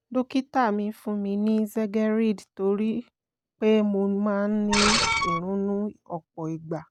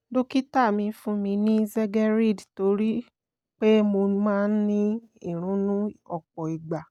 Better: second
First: background sound (Screech); as loud as the speech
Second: none

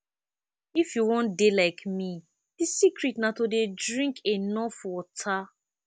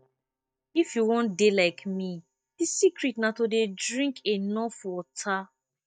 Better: first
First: none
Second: noise reduction (neural mask model DeepFilterNet 3)

